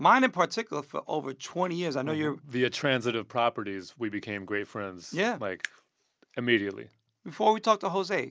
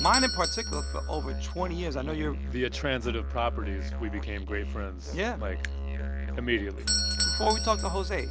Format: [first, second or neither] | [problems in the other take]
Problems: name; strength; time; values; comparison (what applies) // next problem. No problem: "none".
first | background sound (Musical instrument + Doorbell); as loud as the speech